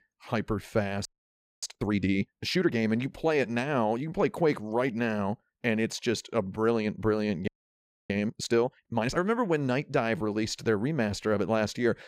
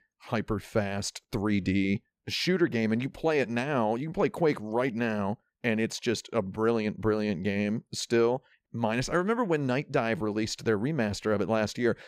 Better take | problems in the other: second | audio freezing; at 1 s for 0.5 s and at 7.5 s for 0.5 s

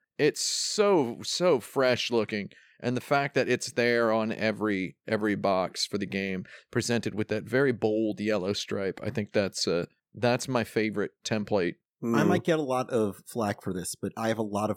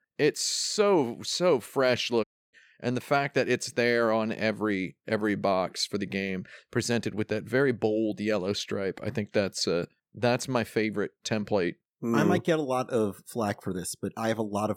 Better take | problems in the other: first | audio cutting out; at 2 s

